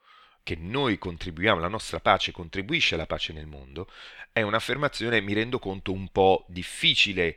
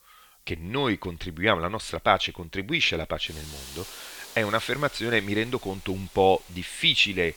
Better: first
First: none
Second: hiss; noticeable; throughout; 20 dB below the speech

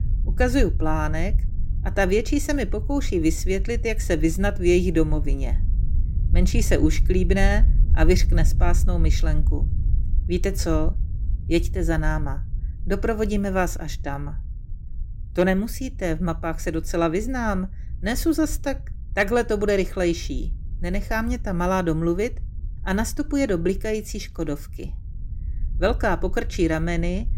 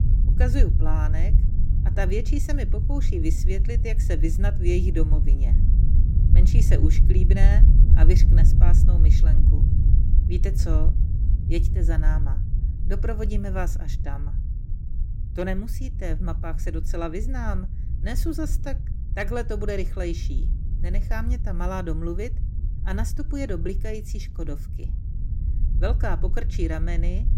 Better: first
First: low rumble; faint; throughout; 20 dB below the speech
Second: low rumble; loud; throughout; 7 dB below the speech

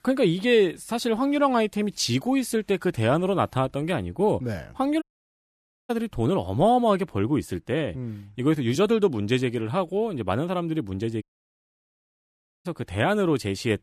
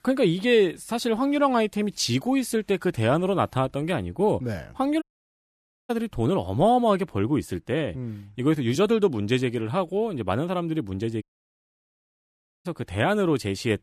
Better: neither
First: audio cutting out; at 5 s for 1 s and at 11 s for 1.5 s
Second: audio cutting out; at 5 s for 1 s and at 11 s for 1.5 s

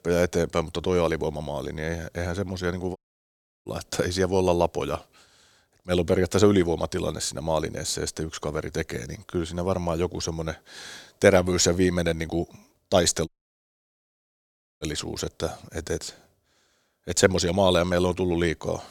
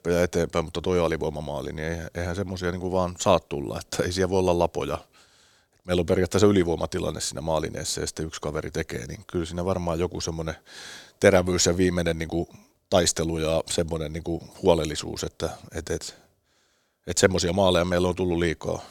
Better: second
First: audio cutting out; at 3 s for 0.5 s and at 13 s for 1.5 s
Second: none

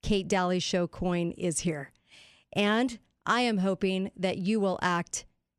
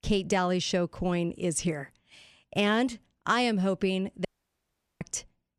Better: first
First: none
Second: audio cutting out; at 4.5 s for 1 s

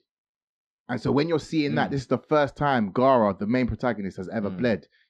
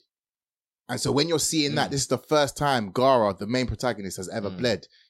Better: second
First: muffled; slightly; fading above 2 kHz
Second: none

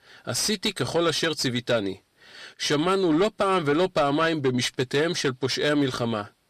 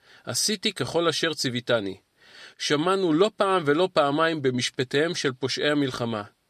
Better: second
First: distortion; slight; 10 dB below the speech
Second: none

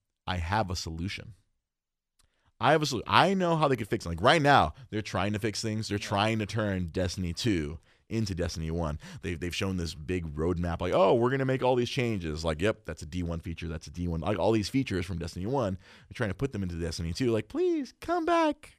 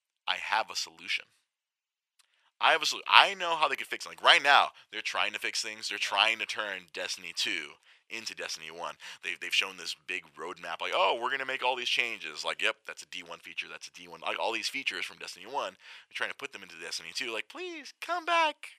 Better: first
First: none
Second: thin; very; fading below 900 Hz

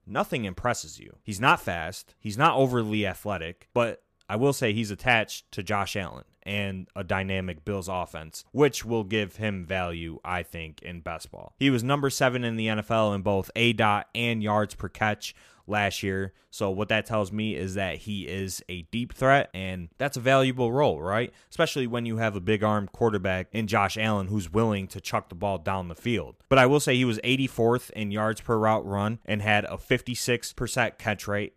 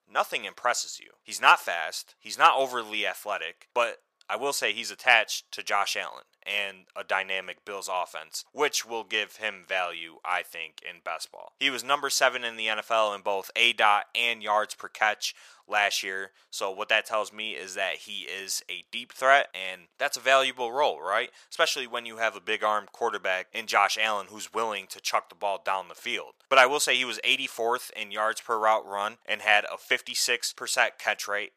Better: first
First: none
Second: thin; very; fading below 800 Hz

